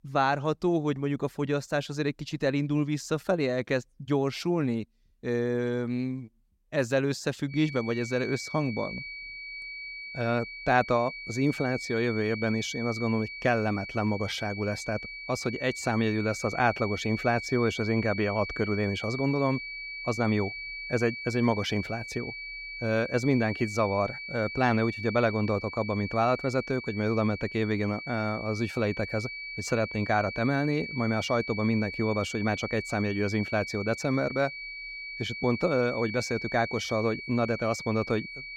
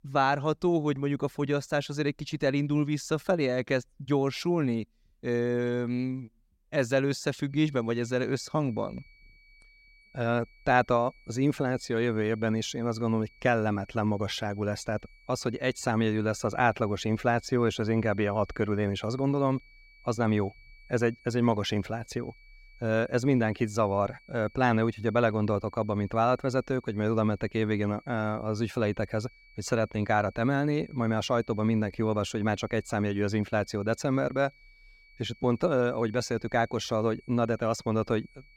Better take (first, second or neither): second